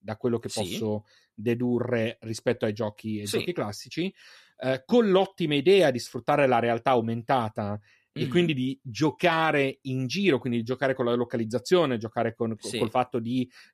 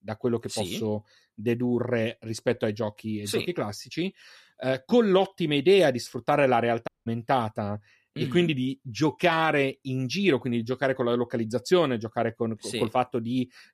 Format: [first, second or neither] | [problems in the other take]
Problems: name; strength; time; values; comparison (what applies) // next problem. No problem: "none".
first | audio cutting out; at 7 s